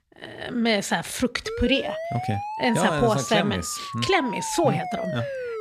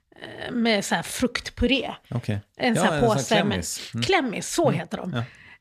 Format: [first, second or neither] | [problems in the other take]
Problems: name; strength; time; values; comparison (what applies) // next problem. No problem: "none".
second | siren; noticeable; from 1.5 s on; peak 7 dB below the speech